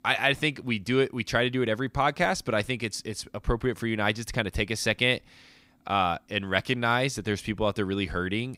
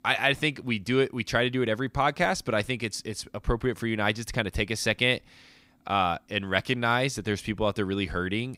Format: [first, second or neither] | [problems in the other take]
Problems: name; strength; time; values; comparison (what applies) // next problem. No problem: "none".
neither | none